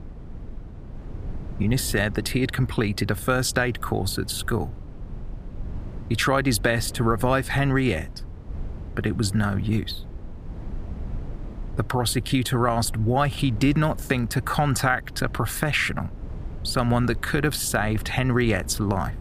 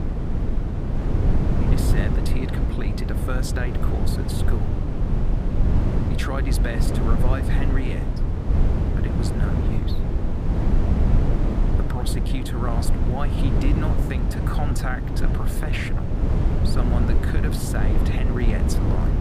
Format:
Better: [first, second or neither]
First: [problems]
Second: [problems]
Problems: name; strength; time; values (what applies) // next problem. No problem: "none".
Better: first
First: wind noise on the microphone; occasional gusts; 20 dB below the speech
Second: wind noise on the microphone; heavy; as loud as the speech